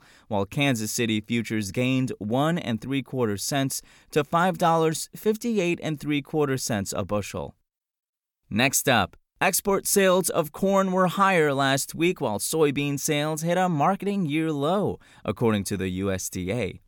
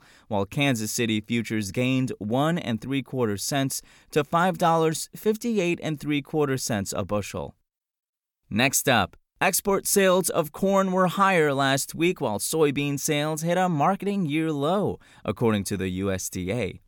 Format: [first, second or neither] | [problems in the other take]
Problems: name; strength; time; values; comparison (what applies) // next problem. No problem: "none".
neither | none